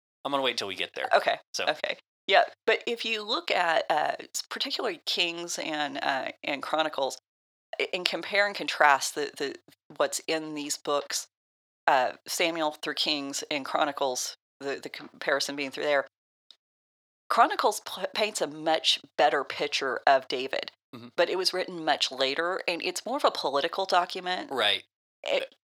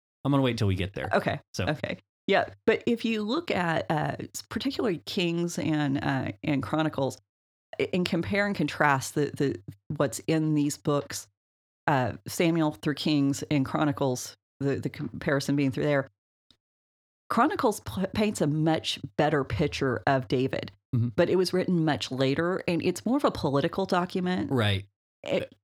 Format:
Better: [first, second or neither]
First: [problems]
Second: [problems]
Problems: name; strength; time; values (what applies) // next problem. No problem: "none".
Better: second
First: thin; very; fading below 600 Hz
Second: none